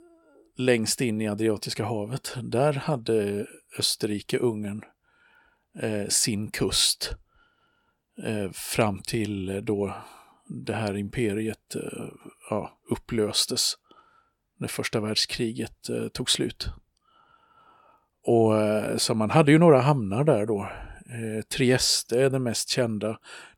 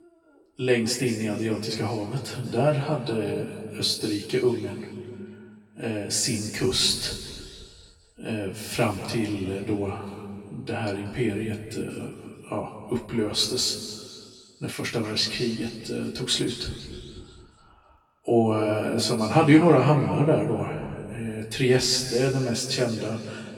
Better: first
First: none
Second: room echo; noticeable; dies away in 2.1 s // off-mic speech; far

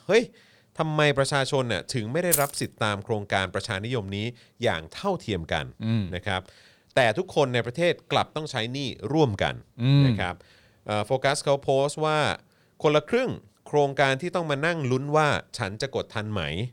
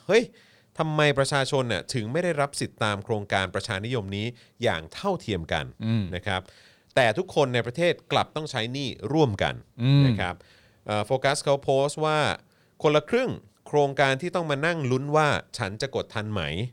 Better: second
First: jangling keys; loud; at 2.5 s; peak 1 dB above the speech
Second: none

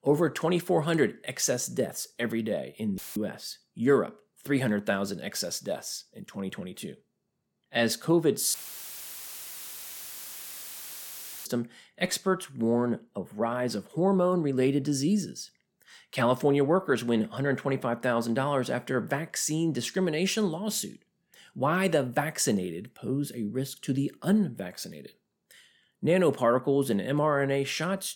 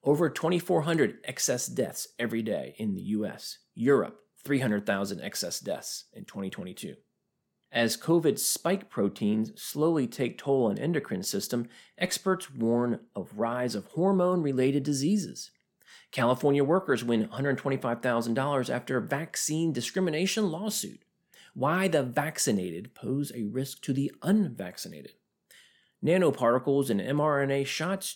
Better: second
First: audio cutting out; filled with static; at 3 s and at 8.5 s for 3 s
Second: none

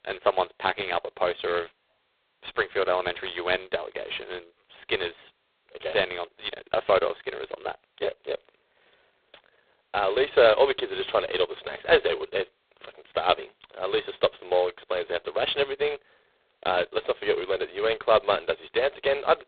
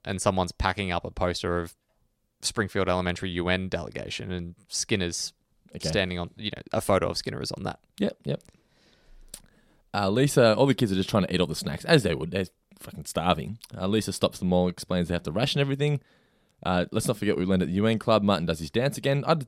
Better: second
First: phone-call audio; poor line; nothing above 4 kHz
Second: none

